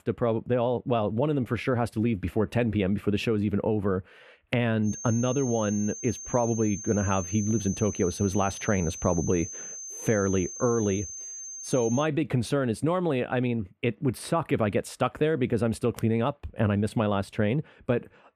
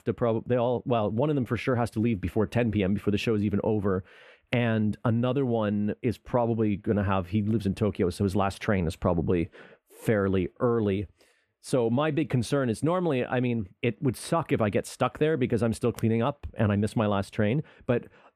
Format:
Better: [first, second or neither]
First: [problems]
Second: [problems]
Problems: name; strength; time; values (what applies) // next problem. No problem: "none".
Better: second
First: high-pitched whine; loud; from 5 to 12 s; 6.5 kHz, 9 dB below the speech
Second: none